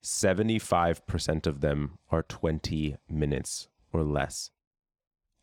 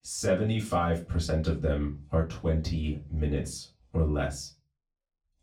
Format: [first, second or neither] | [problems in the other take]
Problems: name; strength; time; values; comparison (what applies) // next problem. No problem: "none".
first | off-mic speech; far // room echo; very slight; dies away in 0.3 s